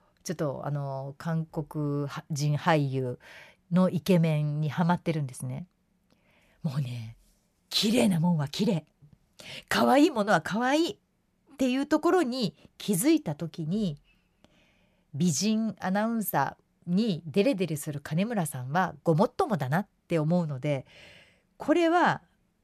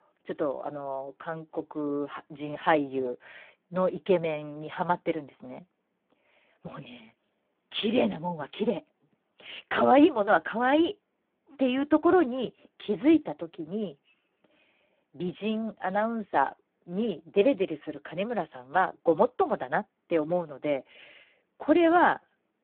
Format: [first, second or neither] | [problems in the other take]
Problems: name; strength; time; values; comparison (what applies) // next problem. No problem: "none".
first | phone-call audio; poor line